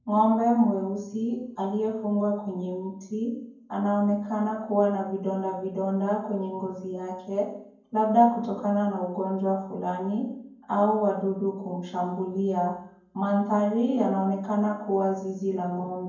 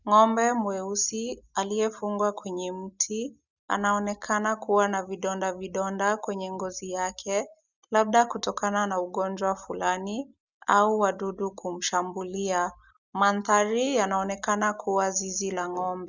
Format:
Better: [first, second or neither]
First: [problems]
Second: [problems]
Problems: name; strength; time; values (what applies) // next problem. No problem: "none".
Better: second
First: room echo; dies away in 0.9 s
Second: none